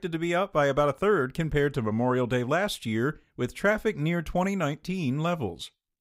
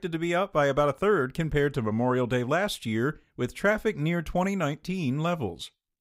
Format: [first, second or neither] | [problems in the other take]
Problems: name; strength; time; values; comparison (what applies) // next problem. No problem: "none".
neither | none